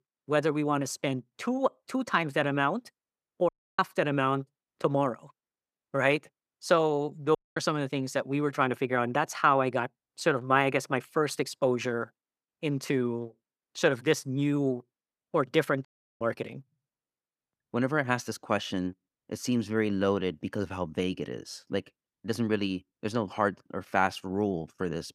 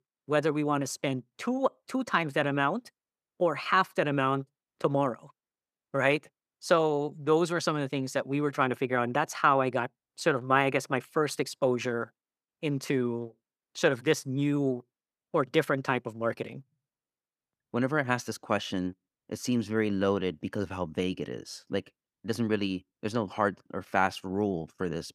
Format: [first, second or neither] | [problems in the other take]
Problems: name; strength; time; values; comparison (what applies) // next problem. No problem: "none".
second | audio cutting out; at 3.5 s, at 7.5 s and at 16 s